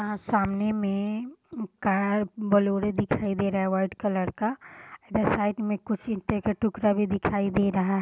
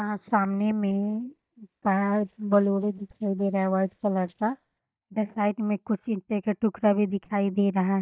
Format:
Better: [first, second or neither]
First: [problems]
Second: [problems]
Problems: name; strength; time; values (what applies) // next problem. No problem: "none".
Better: first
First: none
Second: noise reduction (neural mask model DeepFilterNet 3)